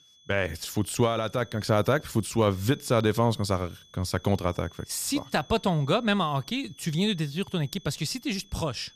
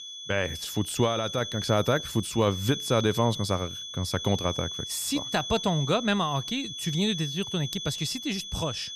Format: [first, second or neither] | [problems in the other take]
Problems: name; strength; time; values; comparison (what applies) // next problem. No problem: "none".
first | high-pitched whine; loud; throughout; 3.5 kHz, 6 dB below the speech; faint in the first